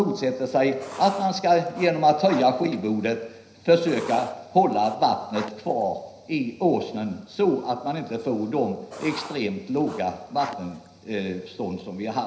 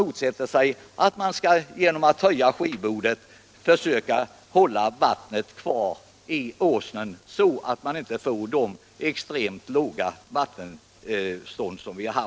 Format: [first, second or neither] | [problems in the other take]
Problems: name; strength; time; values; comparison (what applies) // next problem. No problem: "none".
second | background sound (Writing); 16 dB below the speech // room echo; dies away in 0.9 s